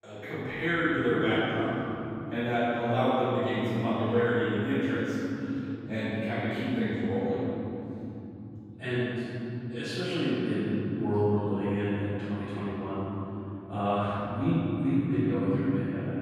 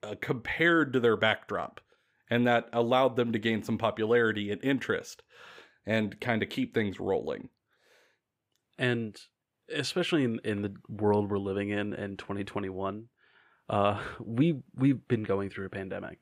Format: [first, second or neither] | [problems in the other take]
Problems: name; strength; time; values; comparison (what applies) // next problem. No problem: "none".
second | off-mic speech; far // room echo; strong; dies away in 3 s